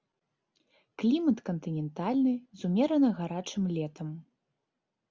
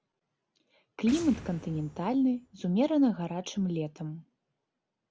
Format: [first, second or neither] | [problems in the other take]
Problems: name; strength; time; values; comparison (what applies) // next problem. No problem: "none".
first | background sound (Boom); 19 dB below the speech